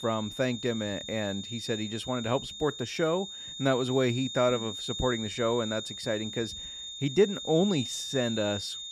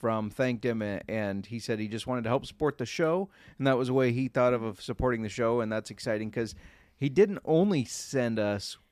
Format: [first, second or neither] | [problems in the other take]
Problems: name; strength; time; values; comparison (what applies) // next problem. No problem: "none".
second | high-pitched whine; loud; throughout; 3.5 kHz, 7 dB below the speech